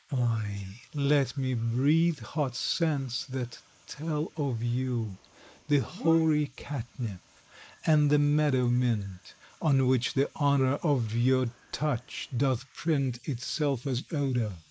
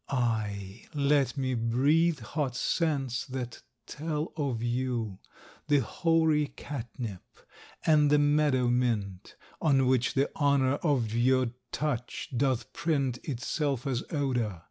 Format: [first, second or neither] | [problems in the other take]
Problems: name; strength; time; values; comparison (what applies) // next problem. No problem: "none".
second | noise reduction (neural mask model Resemble Enhance denoiser)